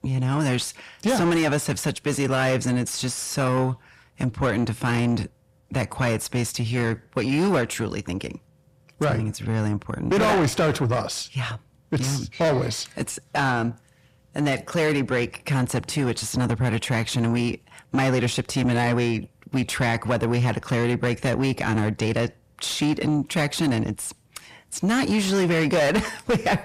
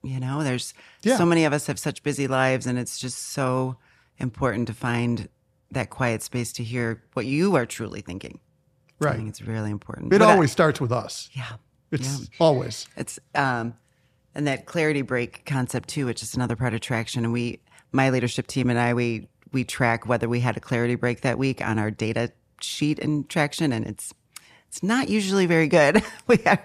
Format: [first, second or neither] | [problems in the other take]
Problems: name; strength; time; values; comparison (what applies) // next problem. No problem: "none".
second | distortion; heavy; 6 dB below the speech